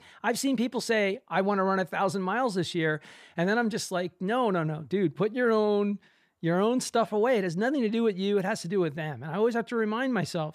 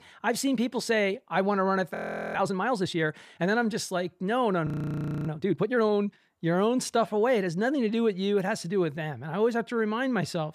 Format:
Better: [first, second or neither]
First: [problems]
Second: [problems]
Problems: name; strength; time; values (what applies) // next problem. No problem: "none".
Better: first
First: none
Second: audio freezing; at 2 s and at 4.5 s for 0.5 s